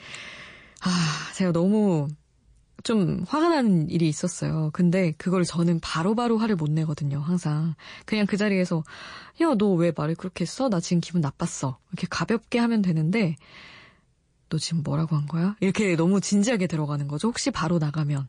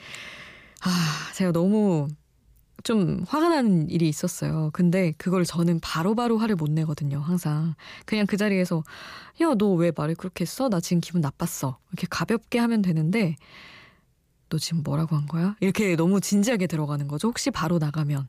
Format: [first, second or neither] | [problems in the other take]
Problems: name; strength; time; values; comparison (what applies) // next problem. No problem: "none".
second | garbled, watery; slightly; nothing above 9 kHz